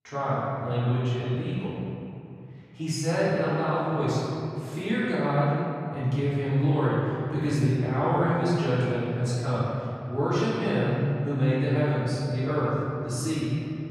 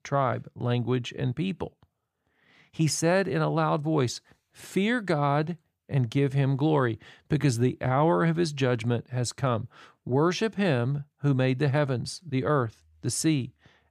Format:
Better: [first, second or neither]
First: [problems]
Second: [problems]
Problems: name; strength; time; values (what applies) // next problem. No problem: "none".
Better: second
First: off-mic speech; far // room echo; strong; dies away in 2.6 s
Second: none